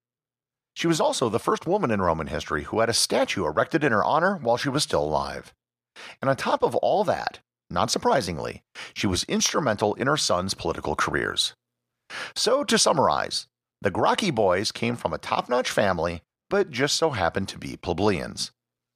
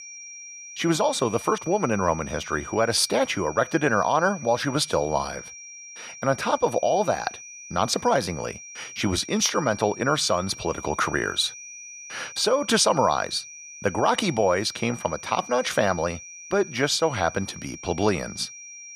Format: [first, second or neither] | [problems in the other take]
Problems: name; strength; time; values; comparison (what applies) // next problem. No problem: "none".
first | high-pitched whine; noticeable; throughout; 5.5 kHz, 15 dB below the speech